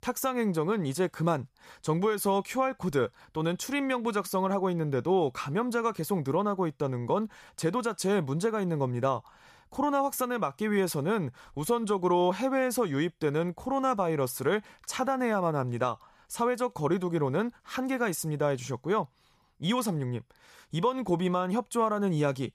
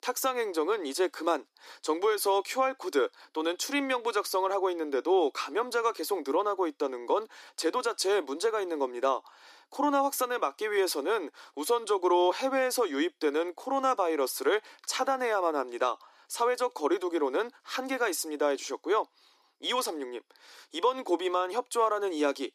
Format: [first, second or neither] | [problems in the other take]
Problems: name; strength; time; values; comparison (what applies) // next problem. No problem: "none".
first | thin; somewhat; fading below 300 Hz